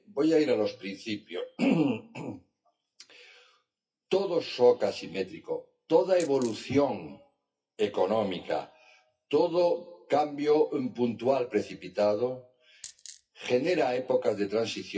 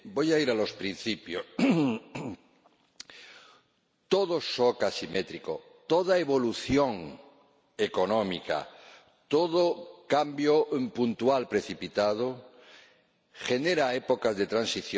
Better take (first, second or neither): second